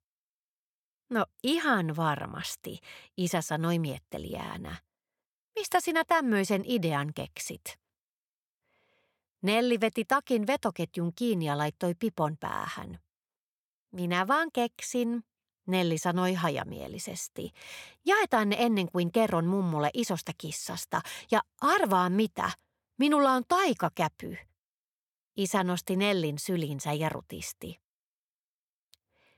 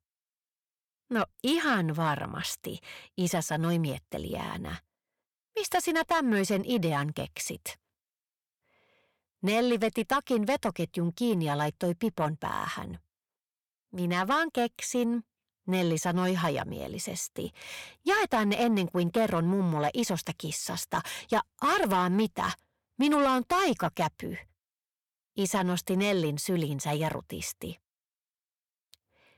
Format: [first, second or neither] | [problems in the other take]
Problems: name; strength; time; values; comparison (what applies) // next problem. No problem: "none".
first | distortion; slight; 10 dB below the speech